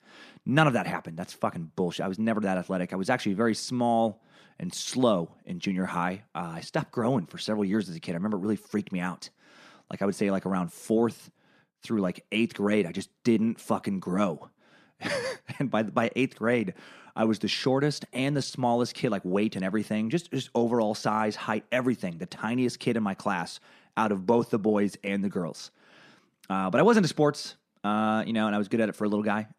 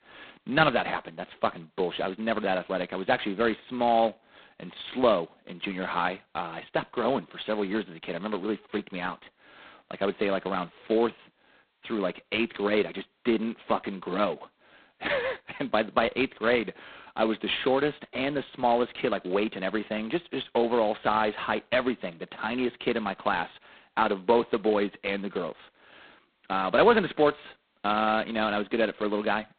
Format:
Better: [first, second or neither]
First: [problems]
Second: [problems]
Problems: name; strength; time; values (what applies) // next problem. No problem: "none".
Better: first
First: none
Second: phone-call audio; poor line; nothing above 4 kHz